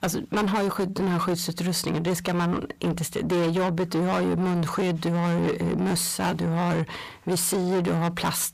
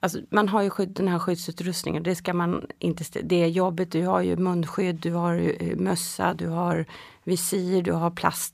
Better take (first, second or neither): second